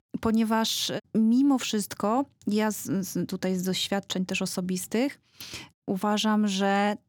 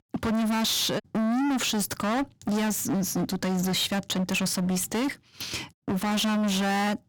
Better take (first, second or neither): first